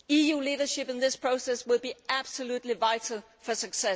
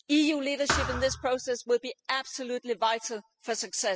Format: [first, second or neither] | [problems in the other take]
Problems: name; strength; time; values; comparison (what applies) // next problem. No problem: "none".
first | noise reduction (classical method spectral subtraction)